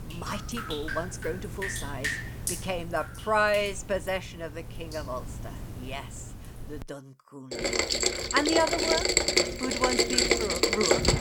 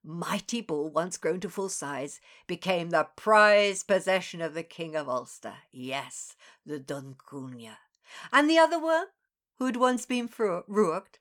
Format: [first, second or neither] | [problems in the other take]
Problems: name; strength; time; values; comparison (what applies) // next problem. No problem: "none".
second | rain or running water; very loud; throughout; 4 dB above the speech